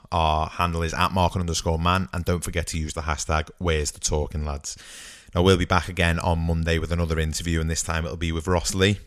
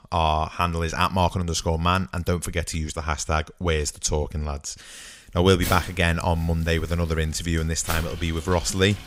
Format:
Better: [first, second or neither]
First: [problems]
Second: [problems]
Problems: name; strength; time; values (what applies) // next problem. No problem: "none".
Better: first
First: none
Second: household noises; noticeable; from 5.5 s on; 15 dB below the speech